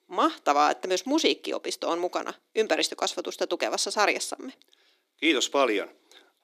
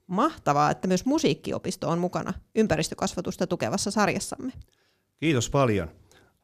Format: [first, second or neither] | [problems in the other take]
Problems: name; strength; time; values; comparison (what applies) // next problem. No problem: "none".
second | thin; somewhat; fading below 300 Hz